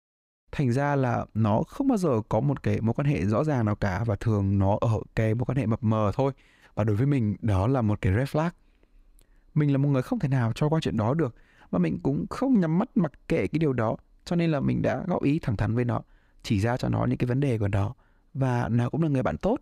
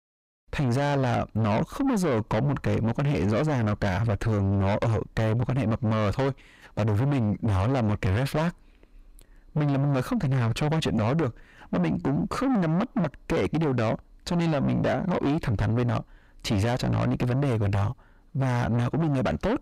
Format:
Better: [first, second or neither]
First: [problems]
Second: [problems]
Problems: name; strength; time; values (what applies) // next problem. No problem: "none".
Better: first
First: none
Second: distortion; heavy; 7 dB below the speech